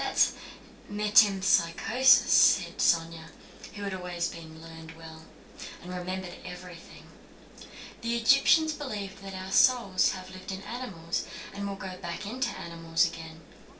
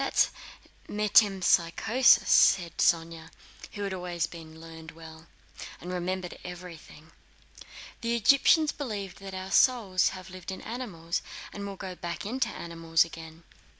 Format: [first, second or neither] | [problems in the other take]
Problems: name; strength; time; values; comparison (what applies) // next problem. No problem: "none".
second | background sound (Rain); 19 dB below the speech // room echo; dies away in 0.3 s